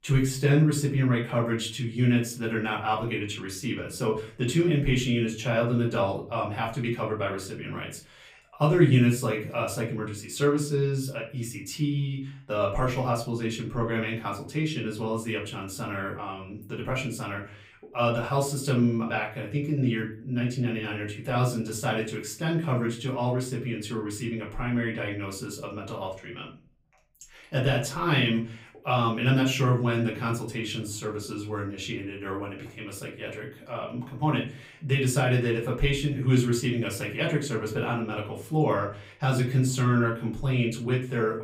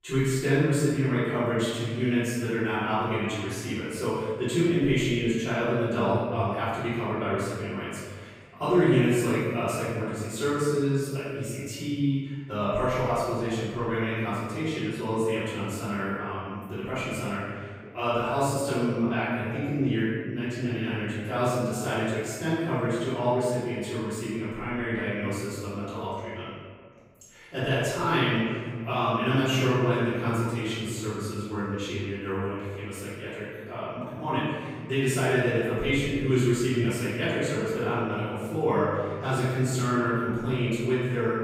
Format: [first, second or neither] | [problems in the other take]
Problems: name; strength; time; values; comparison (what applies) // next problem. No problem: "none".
first | room echo; strong; dies away in 1.7 s; slight in the first // off-mic speech; far; far in the first